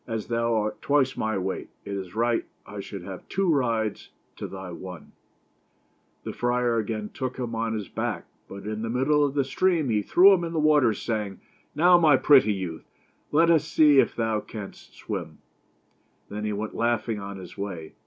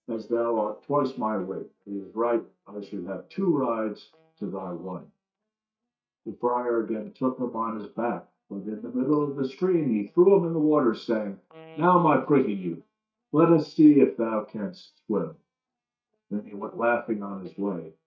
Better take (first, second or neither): first